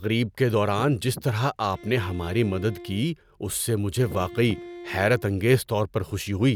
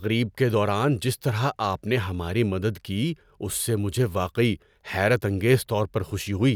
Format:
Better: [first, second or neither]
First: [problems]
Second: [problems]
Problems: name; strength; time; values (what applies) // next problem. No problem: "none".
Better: second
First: background sound (Bowed string instrument + Wind); 17 dB below the speech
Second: none